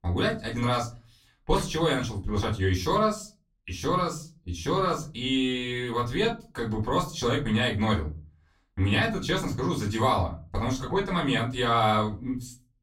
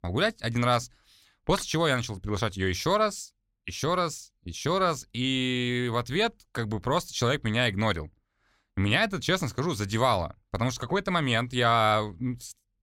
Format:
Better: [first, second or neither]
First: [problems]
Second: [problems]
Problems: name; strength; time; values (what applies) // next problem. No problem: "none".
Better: second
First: off-mic speech; far // room echo; very slight; dies away in 0.3 s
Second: none